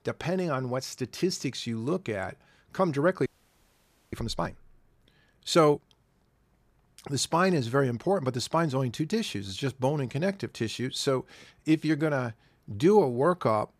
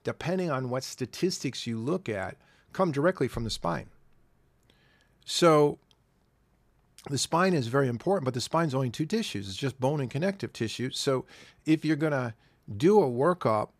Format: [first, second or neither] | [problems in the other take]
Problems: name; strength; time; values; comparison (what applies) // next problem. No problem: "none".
second | audio freezing; at 3.5 s for 1 s